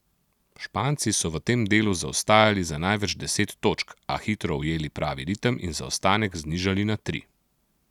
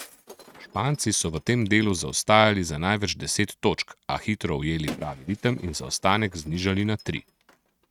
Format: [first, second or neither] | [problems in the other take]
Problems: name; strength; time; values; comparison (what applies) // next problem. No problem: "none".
first | noise reduction (neural mask model RNNoise)